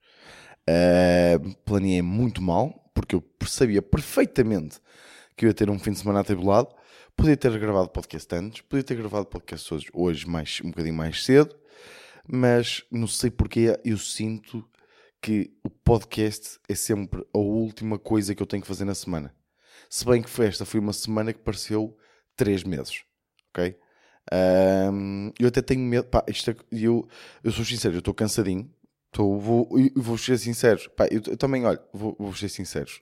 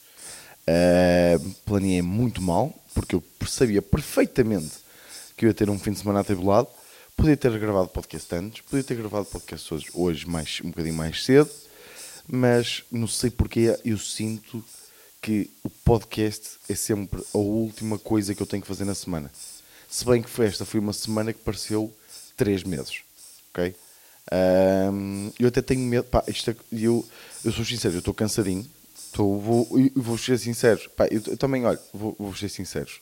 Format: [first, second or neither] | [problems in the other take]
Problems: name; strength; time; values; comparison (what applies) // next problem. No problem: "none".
first | hiss; noticeable; throughout; 20 dB below the speech